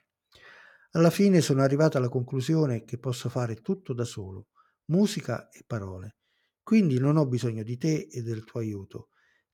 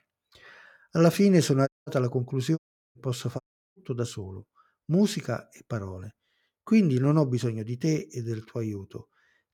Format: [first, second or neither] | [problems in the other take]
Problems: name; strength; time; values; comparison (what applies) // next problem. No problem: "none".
first | audio cutting out; at 1.5 s, at 2.5 s and at 3.5 s